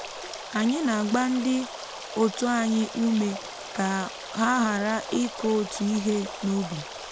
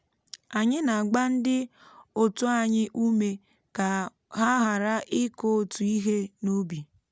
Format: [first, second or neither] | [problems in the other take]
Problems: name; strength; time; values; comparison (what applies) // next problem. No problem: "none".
second | background sound (Stream); 11 dB below the speech